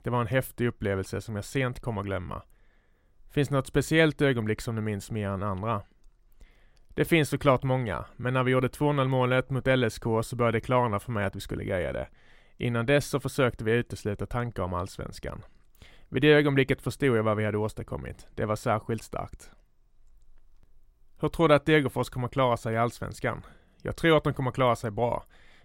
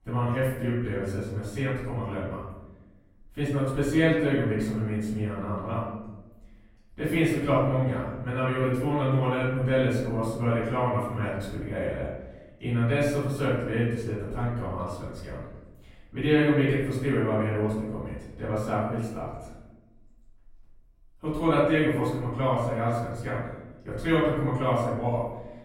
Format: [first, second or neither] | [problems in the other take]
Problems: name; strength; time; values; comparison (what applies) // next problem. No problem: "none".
first | off-mic speech; far // room echo; noticeable; dies away in 1 s